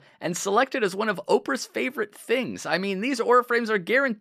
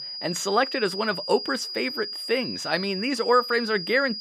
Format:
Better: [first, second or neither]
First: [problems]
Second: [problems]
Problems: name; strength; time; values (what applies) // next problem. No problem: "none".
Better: first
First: none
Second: high-pitched whine; loud; throughout; 5 kHz, 6 dB below the speech